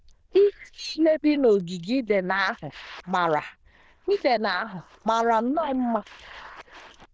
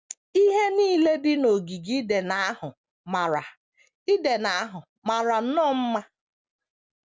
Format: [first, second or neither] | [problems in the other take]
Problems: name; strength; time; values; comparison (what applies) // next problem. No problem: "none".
second | noise reduction (neural diffusion model UNIVERSE++)